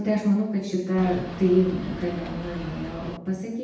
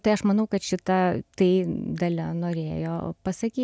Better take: second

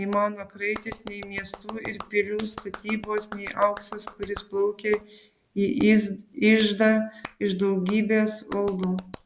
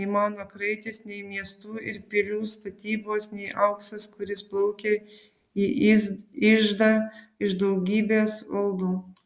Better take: second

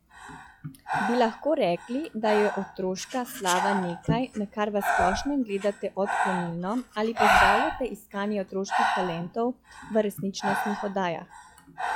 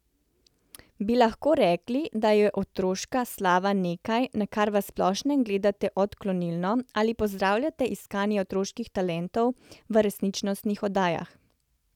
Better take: second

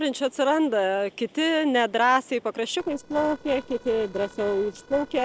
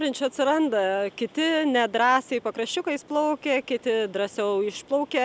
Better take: second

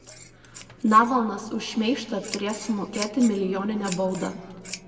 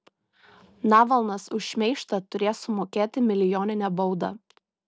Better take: second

